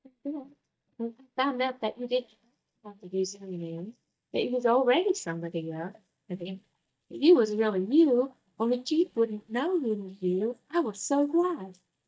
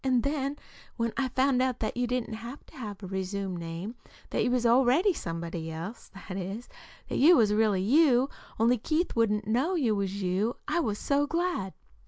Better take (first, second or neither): second